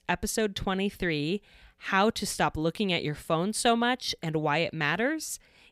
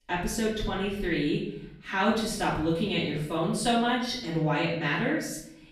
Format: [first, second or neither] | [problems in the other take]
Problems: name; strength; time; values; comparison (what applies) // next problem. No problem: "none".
first | off-mic speech; far // room echo; noticeable; dies away in 0.7 s